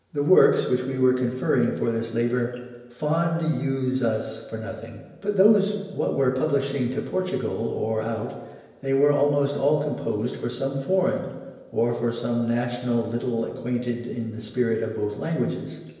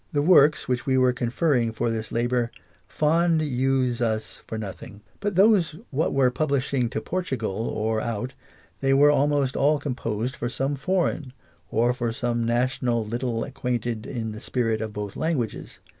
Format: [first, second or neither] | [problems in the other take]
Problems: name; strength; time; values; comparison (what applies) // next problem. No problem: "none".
second | room echo; dies away in 1 s